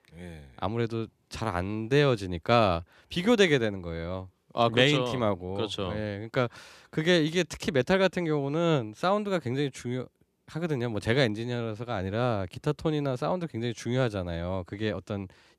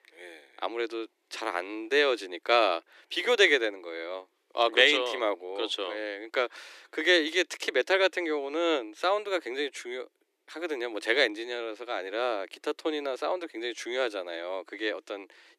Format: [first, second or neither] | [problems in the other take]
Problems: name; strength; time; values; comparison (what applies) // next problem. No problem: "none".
first | thin; very; fading below 300 Hz